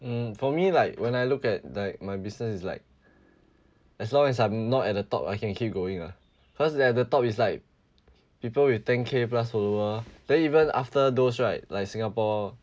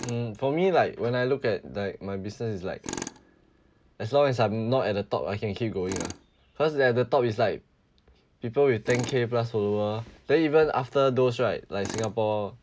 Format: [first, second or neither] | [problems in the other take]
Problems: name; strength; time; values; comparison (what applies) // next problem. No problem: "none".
first | background sound (Tools); 18 dB below the speech